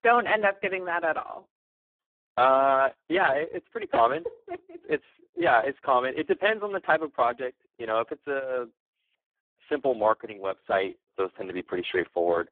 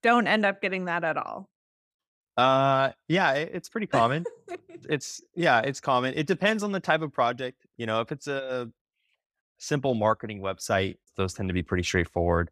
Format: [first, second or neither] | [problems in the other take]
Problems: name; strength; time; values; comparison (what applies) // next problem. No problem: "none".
second | phone-call audio; poor line